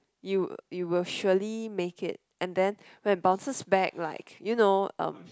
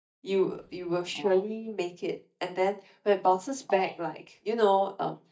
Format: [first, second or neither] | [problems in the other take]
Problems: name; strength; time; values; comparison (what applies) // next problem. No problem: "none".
first | noise reduction (neural mask model DeepFilterNet 3)